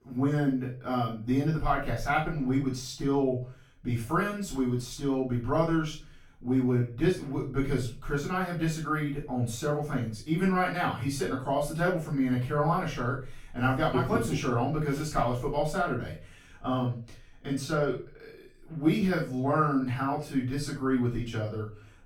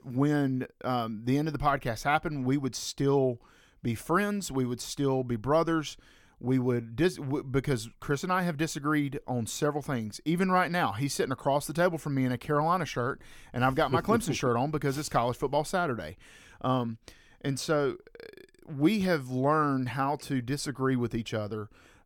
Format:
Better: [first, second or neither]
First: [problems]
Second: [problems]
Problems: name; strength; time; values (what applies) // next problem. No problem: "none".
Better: second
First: off-mic speech; far // room echo; noticeable; dies away in 0.3 s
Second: none